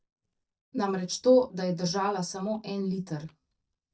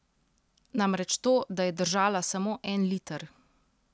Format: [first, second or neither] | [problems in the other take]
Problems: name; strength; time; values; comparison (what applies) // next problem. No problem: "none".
second | noise reduction (neural mask model DeepFilterNet 3)